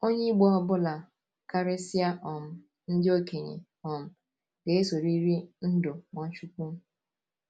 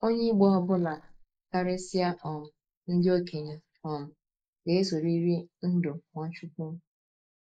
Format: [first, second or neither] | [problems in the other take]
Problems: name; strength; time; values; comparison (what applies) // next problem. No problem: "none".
first | noise reduction (neural mask model Resemble Enhance denoiser)